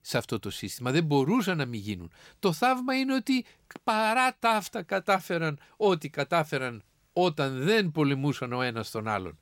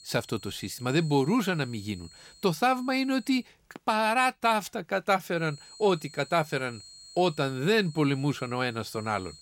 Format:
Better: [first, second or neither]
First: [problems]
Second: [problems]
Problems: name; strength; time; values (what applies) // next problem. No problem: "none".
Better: first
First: none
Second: high-pitched whine; faint; until 3.5 s and from 5.5 s on; 4.5 kHz, 20 dB below the speech